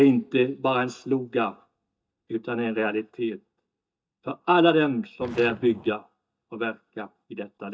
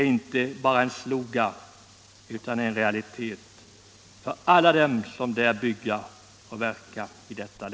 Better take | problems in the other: second | noise reduction (neural mask model DeepFilterNet 3)

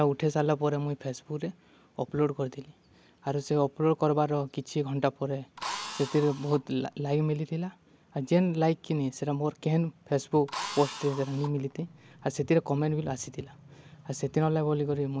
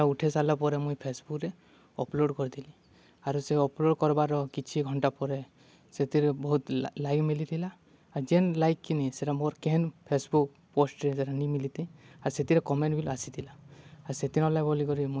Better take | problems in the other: second | background sound (Drill); 11 dB below the speech

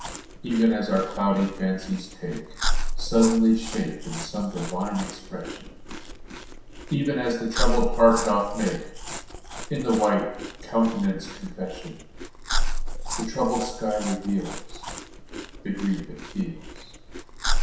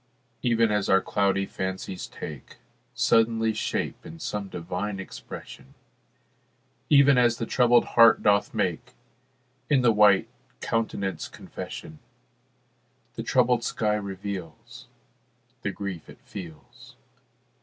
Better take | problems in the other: second | background sound (Chewing, mastication); 2 dB below the speech // room echo; dies away in 0.7 s

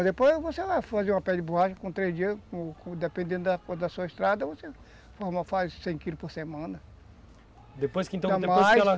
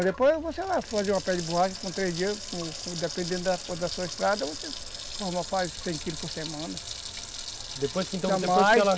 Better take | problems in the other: first | background sound (Sink (filling or washing) / Water tap, faucet); 10 dB below the speech

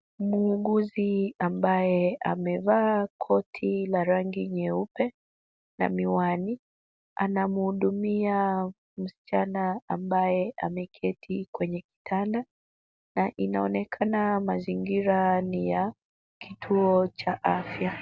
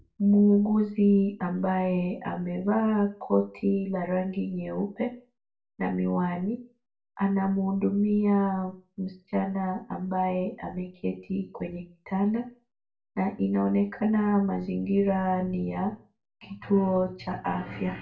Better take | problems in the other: first | room echo; dies away in 0.3 s

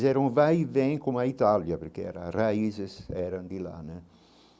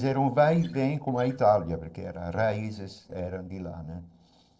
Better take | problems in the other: first | noise reduction (neural separator model SepFormer DNS4)

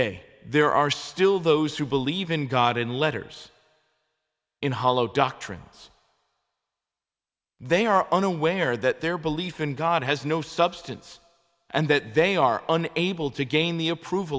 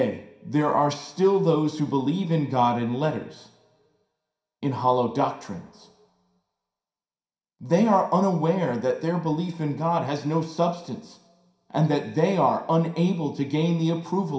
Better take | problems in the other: first | room echo; dies away in 0.5 s

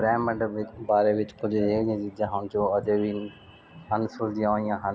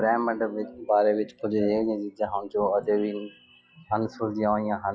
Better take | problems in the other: first | noise reduction (classical method log-MMSE)

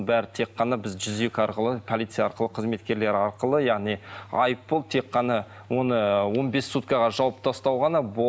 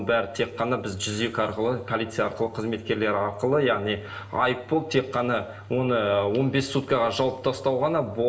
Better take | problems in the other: first | room echo; dies away in 0.9 s

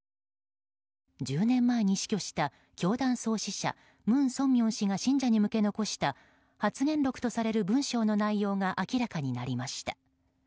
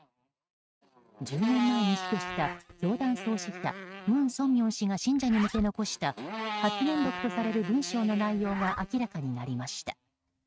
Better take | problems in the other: first | noise reduction (neural mask model RNNoise)

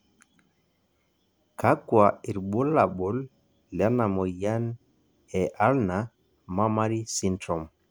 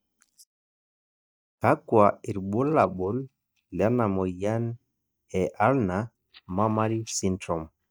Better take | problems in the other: first | noise reduction (neural mask model DeepFilterNet 3)

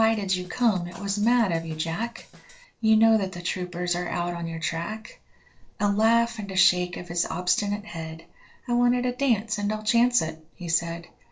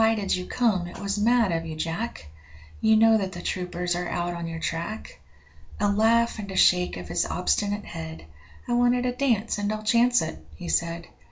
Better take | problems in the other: second | noise reduction (neural separator model SepFormer DNS4)

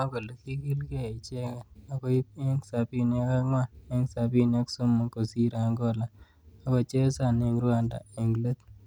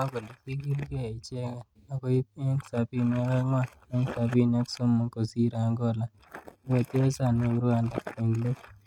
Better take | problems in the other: first | noise reduction (neural mask model RNNoise)

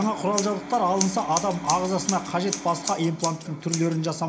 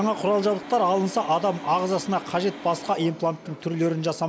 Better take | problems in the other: second | background sound (Scissors); 10 dB below the speech // room echo; dies away in 0.4 s

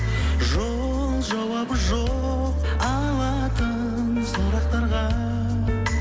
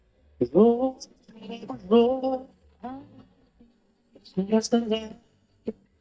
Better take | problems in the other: first | noise reduction (neural mask model DeepFilterNet 3)

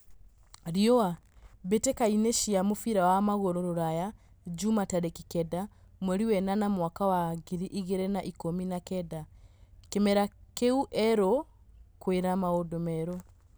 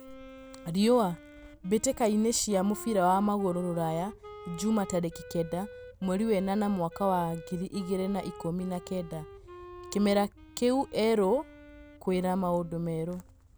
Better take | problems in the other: first | background sound (Wind instrument, woodwind instrument); 18 dB below the speech

